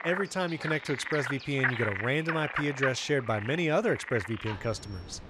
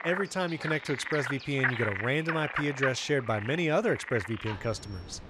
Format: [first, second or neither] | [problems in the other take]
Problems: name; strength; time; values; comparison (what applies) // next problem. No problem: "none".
neither | animal sounds; loud; throughout; 5 dB below the speech; the same in both